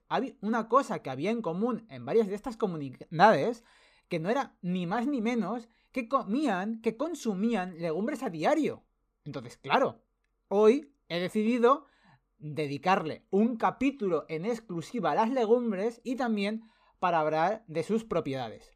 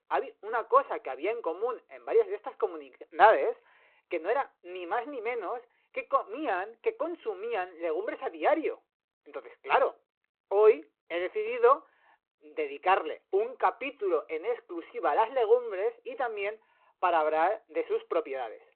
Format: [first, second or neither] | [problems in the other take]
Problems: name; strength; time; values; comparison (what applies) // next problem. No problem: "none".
first | phone-call audio